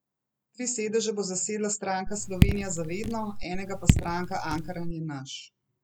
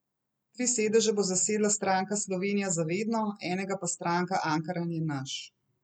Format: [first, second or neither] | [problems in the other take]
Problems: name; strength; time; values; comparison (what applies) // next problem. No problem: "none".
second | background sound (Raindrop / Drip); 5 dB above the speech